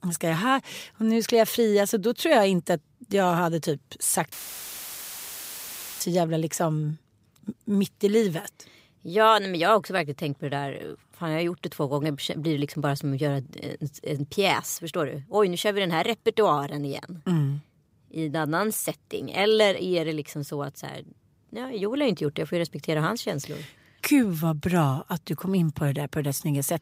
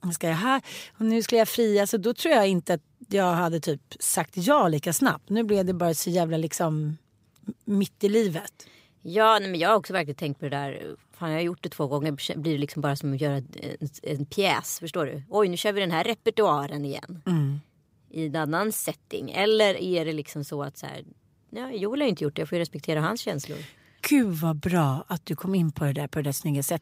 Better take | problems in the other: second | audio cutting out; filled with static; at 4.5 s for 1.5 s

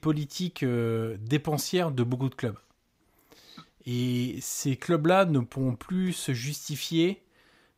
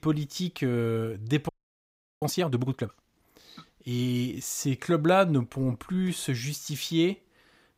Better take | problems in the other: first | audio freezing; at 1.5 s for 0.5 s

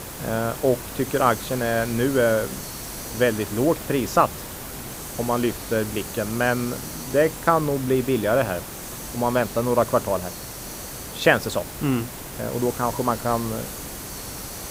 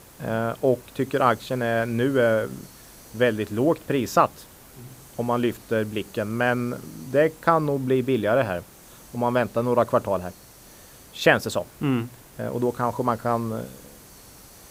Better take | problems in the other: second | hiss; loud; throughout; 10 dB below the speech; faint in the second

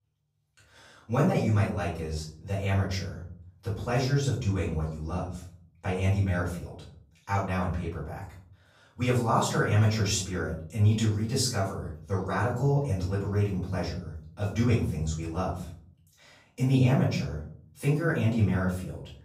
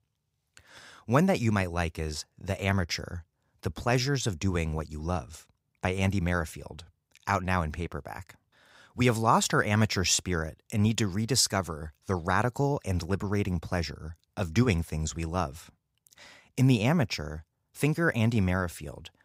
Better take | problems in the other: second | room echo; noticeable; dies away in 0.6 s // off-mic speech; far

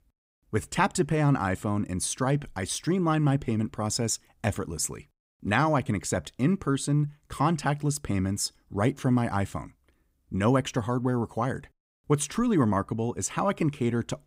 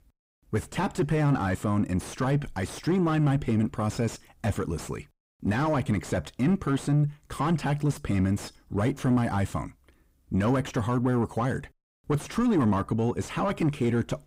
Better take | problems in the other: first | distortion; heavy; 7 dB below the speech

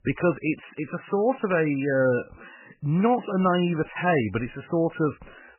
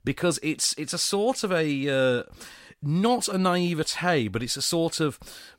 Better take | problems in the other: second | garbled, watery; badly; nothing above 3 kHz

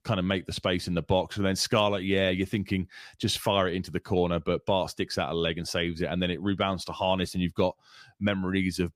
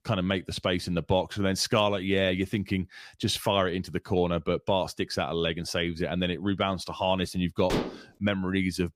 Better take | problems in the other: first | clattering dishes; noticeable; at 7.5 s; peak 3 dB below the speech

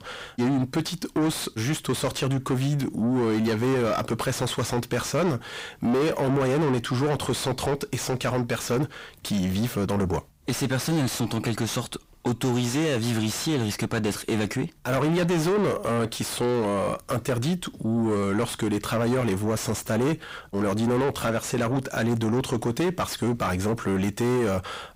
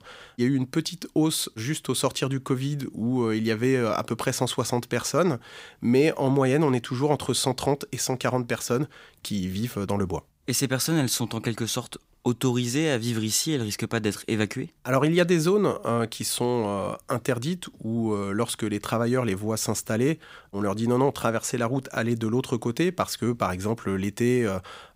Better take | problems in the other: second | distortion; heavy; 6 dB below the speech

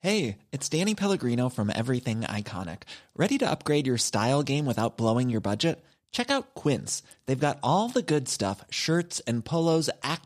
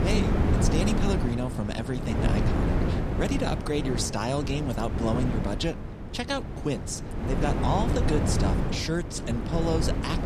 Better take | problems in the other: first | wind noise on the microphone; heavy; 2 dB below the speech

